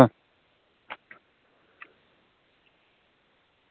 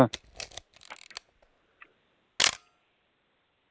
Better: first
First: none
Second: background sound (Camera); 2 dB below the speech

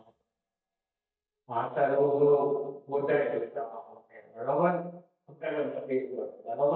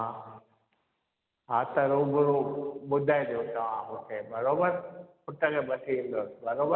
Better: second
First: noise reduction (neural mask model DeepFilterNet 3)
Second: none

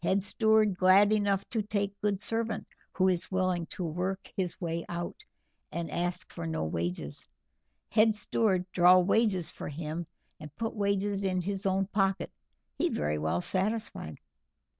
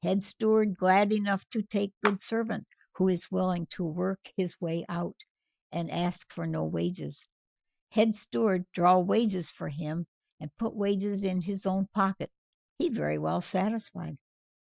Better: first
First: none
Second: noise reduction (classical method Wiener filter)

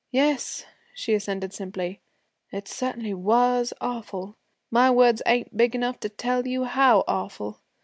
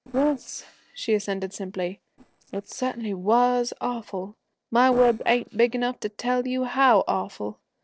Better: first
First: none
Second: noise reduction (neural separator model SepFormer DNS4)

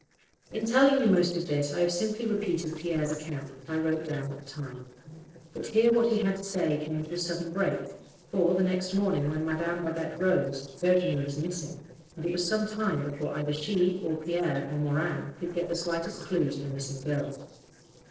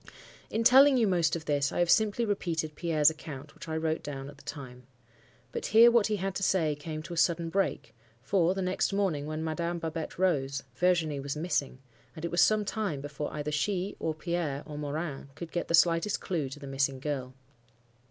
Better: second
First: noise reduction (neural separator model SepFormer DNS4)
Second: none

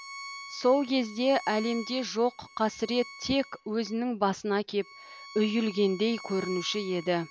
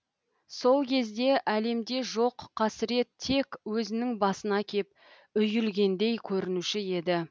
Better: second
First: background sound (Bowed string instrument); 17 dB below the speech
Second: none

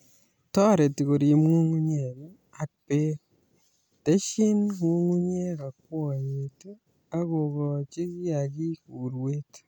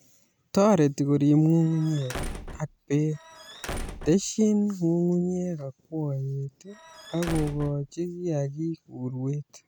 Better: first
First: none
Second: background sound (Squeak / Slam / Wood); 11 dB below the speech

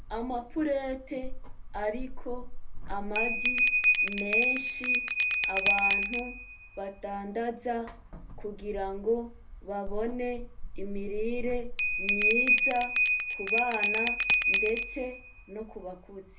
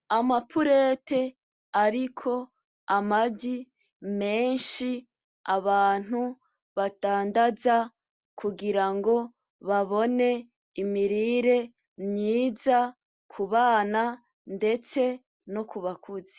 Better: second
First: background sound (Bell); 4 dB above the speech // room echo; dies away in 0.3 s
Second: none

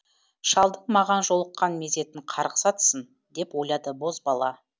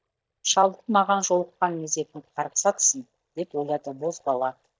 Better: first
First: none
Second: noise reduction (neural mask model DeepFilterNet 3)

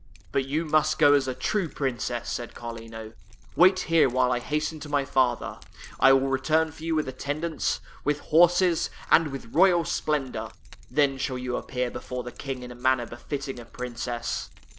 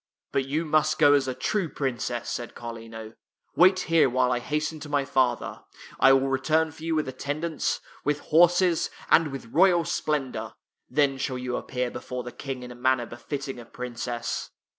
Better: second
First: background sound (Keys jangling); 19 dB below the speech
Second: none

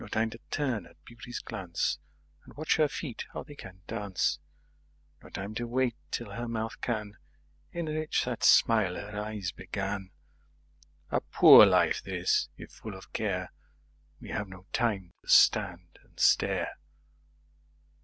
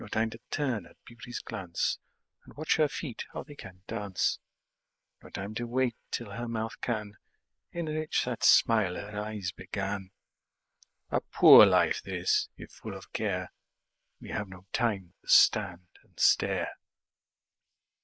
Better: first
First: none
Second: noise reduction (neural mask model Resemble Enhance denoiser)

